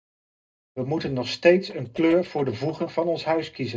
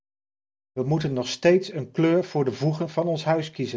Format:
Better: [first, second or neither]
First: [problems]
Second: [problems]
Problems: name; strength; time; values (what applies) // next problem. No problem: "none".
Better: second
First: noise reduction (neural separator model SepFormer DNS4)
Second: none